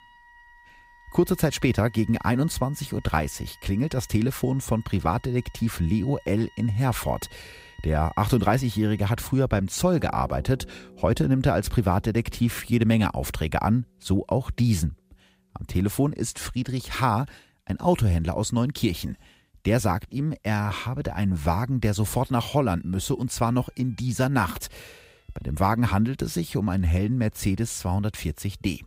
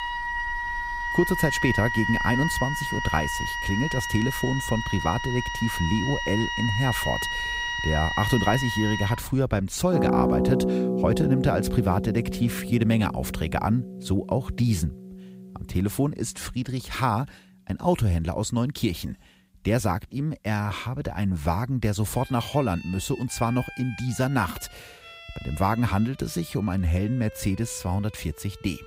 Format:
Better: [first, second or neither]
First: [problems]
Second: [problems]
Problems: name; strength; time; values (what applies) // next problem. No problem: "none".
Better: first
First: background music; faint; throughout; 25 dB below the speech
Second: background music; loud; throughout; 2 dB below the speech